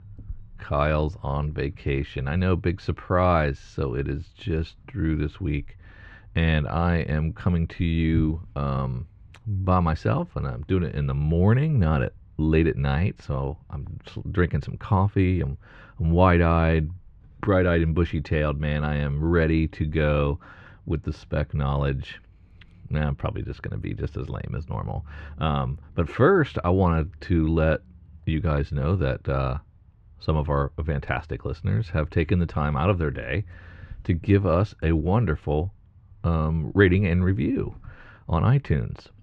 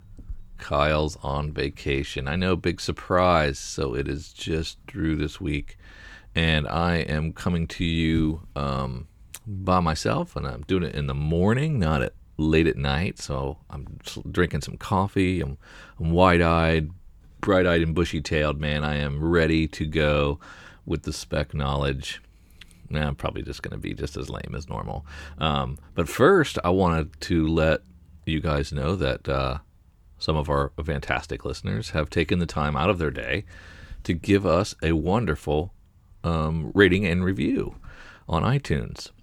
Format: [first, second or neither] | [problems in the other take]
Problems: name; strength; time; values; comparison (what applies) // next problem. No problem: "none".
second | muffled; slightly; fading above 2.5 kHz